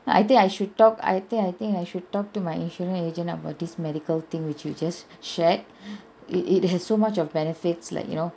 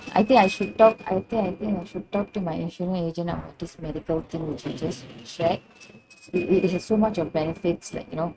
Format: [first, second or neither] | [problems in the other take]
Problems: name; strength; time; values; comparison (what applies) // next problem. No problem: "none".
first | noise reduction (neural mask model RNNoise)